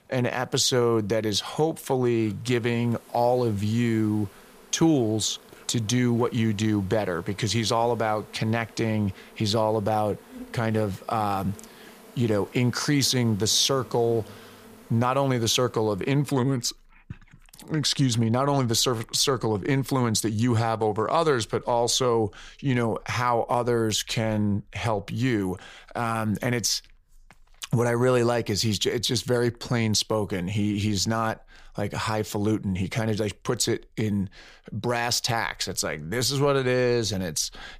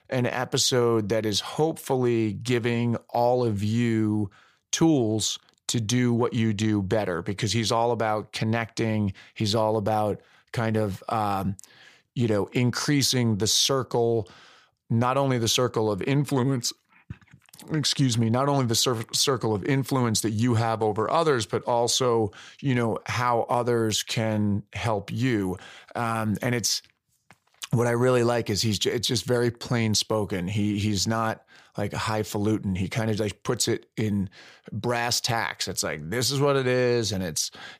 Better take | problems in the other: second | animal sounds; faint; throughout; 25 dB below the speech

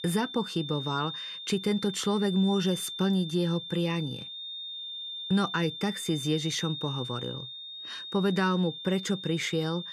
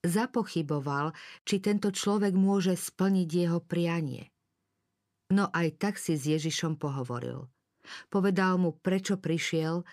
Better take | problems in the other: second | high-pitched whine; loud; throughout; 3.5 kHz, 8 dB below the speech

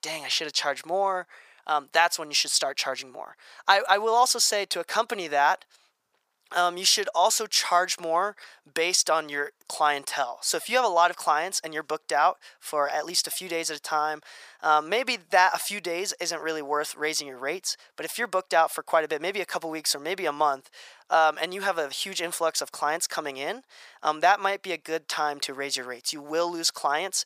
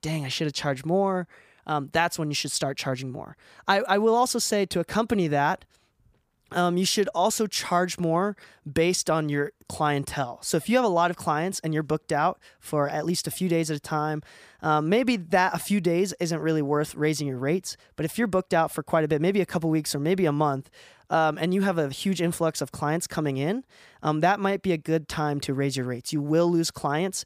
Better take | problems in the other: second | thin; very; fading below 750 Hz

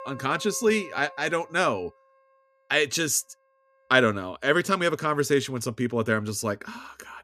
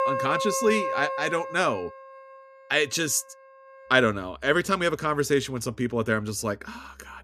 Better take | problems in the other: first | background music; loud; throughout; 5 dB below the speech; faint in the first

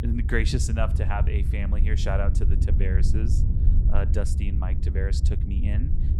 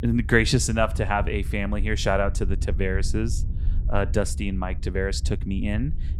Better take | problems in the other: second | low rumble; loud; throughout; 7 dB below the speech; faint in the second

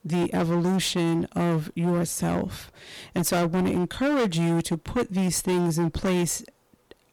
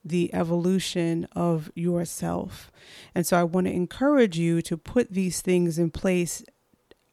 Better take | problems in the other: second | distortion; heavy; 21% of the sound clipped

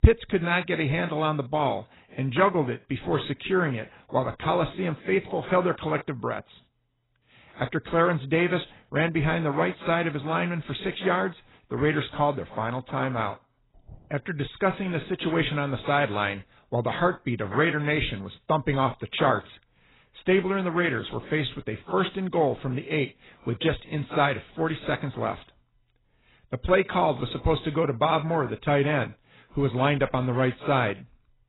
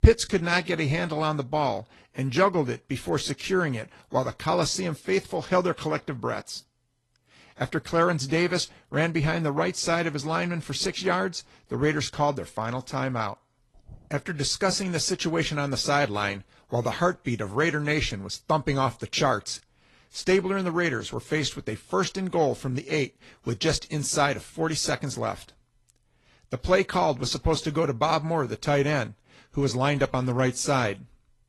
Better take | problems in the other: second | garbled, watery; badly; nothing above 4 kHz; slightly in the second

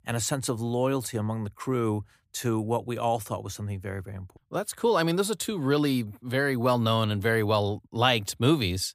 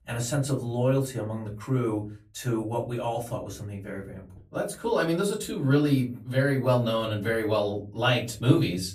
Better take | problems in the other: first | off-mic speech; far // room echo; very slight; dies away in 0.3 s

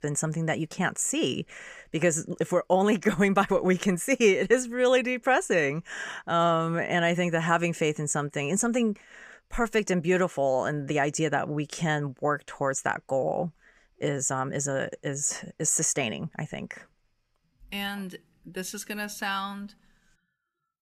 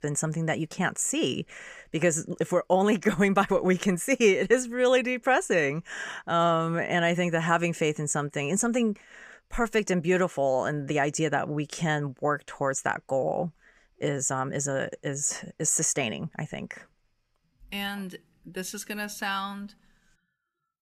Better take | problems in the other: neither | none

